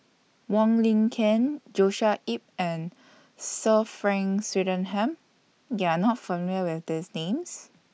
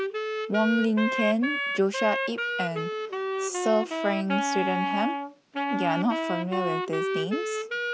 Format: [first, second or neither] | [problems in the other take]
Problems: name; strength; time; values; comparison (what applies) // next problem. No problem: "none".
first | background sound (Wind instrument, woodwind instrument); 1 dB below the speech